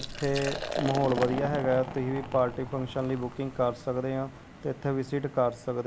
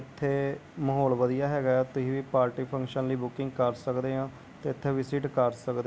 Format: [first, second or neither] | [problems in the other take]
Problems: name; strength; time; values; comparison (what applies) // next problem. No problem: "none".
second | background sound (Liquid); 9 dB below the speech